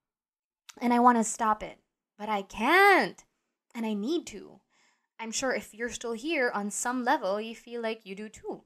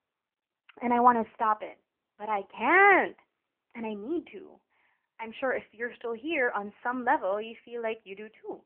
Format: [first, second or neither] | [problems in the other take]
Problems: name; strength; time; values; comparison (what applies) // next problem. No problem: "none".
first | phone-call audio; nothing above 3 kHz